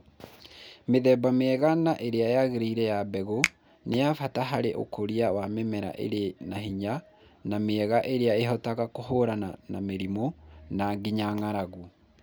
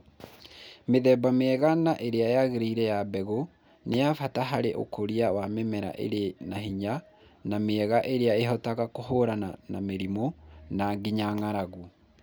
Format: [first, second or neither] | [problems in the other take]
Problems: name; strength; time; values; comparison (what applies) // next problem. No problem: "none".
second | background sound (Finger snapping); 10 dB below the speech